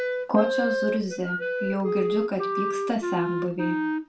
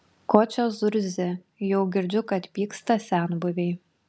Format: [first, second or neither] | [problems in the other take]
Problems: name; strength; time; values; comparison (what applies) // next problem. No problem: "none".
second | background sound (Wind instrument, woodwind instrument); 1 dB above the speech // room echo; dies away in 0.3 s